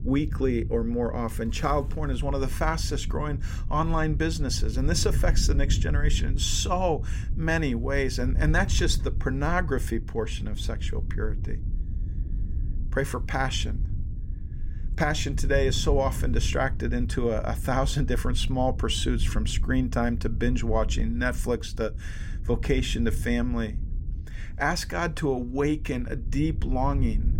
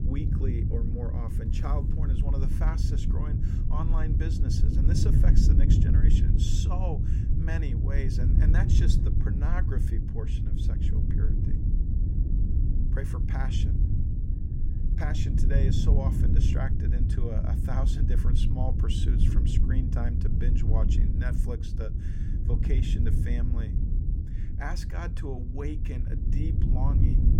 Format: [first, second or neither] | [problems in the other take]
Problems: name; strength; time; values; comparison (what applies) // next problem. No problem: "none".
first | wind noise on the microphone; heavy; 1 dB below the speech; occasional gusts in the first